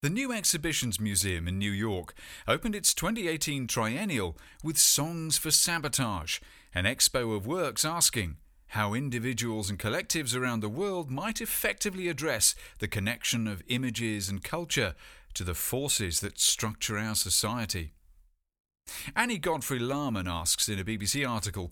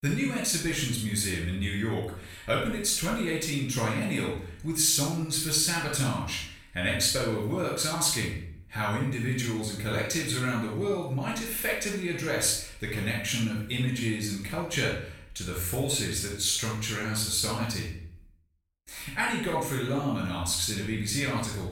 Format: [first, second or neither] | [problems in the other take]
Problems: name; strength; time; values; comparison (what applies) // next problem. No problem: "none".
first | off-mic speech; far // room echo; noticeable; dies away in 0.5 s